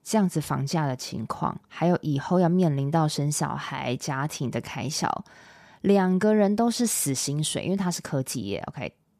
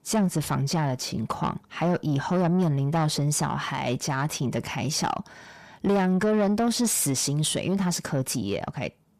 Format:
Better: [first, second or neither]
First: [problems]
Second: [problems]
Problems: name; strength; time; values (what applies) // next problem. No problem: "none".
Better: first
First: none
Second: distortion; slight; 10 dB below the speech